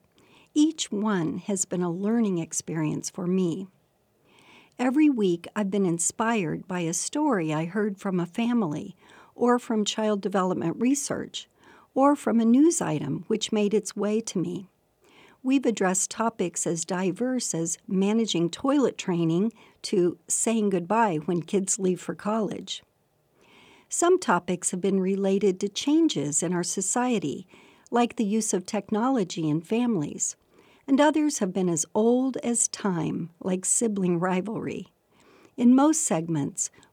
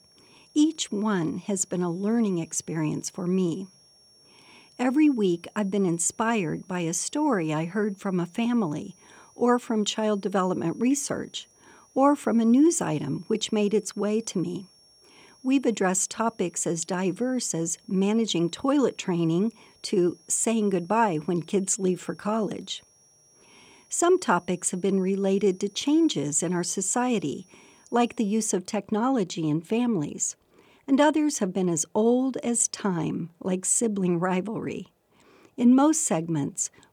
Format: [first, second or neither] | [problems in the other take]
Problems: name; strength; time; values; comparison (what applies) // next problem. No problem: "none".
first | high-pitched whine; faint; until 28 s; 5.5 kHz, 30 dB below the speech